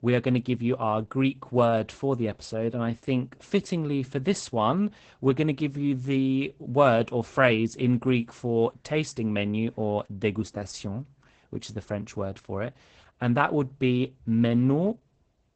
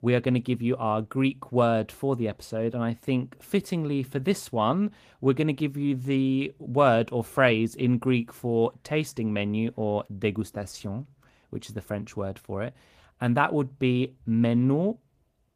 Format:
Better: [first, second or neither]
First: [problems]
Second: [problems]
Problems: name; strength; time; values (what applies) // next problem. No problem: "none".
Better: second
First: garbled, watery; badly; nothing above 8 kHz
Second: garbled, watery; slightly; nothing above 15 kHz